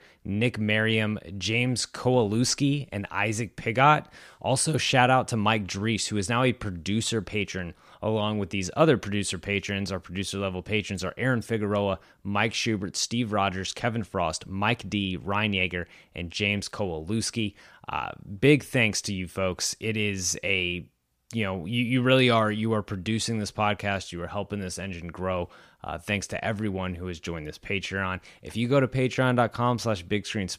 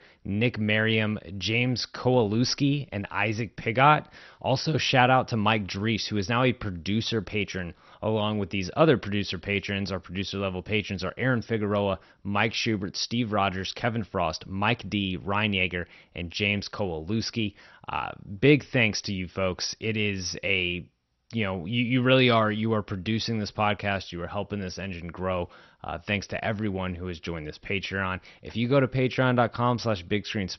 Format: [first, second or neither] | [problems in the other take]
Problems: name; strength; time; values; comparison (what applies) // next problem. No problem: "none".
first | garbled, watery; slightly; nothing above 6 kHz